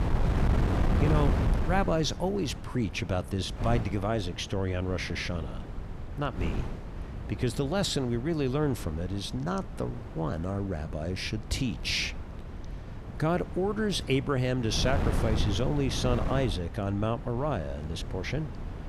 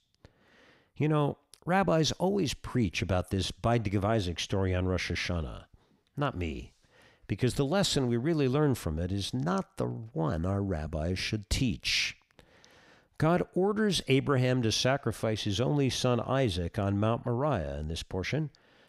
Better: second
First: wind noise on the microphone; heavy; 9 dB below the speech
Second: none

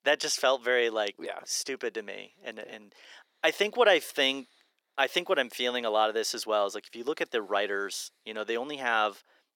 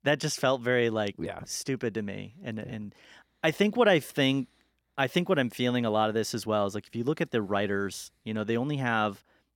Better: second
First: thin; somewhat; fading below 400 Hz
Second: none

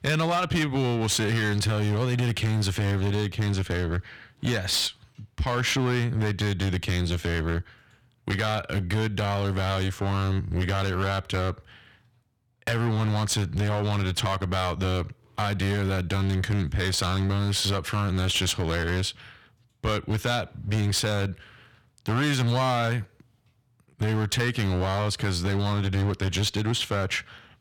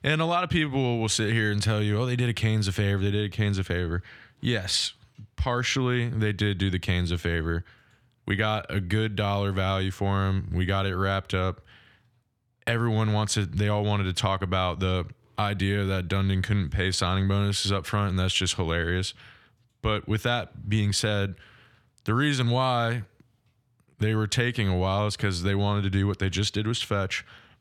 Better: second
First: distortion; slight; 16% of the sound clipped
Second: none

